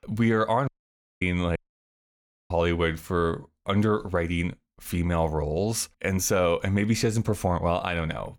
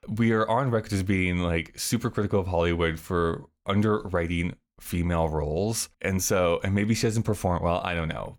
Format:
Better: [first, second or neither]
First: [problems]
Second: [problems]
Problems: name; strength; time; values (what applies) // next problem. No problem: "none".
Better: second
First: audio cutting out; at 0.5 s for 0.5 s and at 1.5 s for 1 s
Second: none